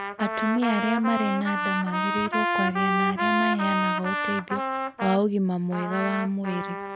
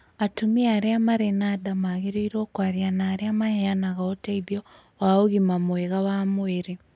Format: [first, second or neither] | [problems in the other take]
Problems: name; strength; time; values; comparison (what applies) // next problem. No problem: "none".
second | background sound (Trumpet); 1 dB below the speech